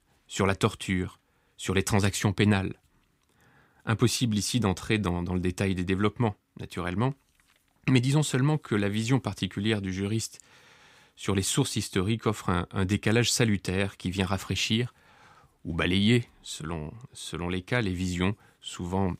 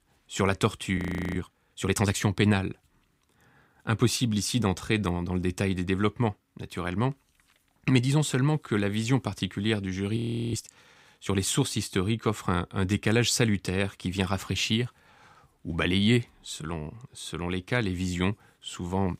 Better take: first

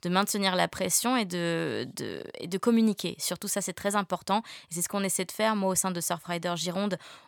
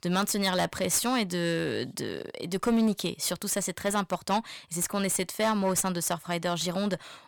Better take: first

